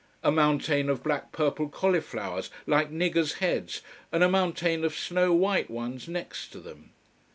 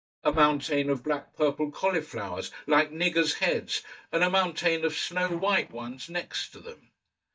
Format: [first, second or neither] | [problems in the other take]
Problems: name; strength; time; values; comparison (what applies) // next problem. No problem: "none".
first | noise reduction (neural mask model DeepFilterNet 3)